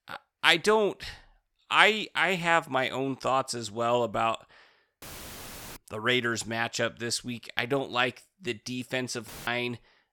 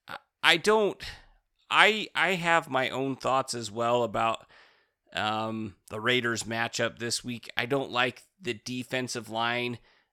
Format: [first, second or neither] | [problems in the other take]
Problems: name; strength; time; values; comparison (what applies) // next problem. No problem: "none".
second | audio cutting out; filled with static; at 5 s for 1 s and at 9.5 s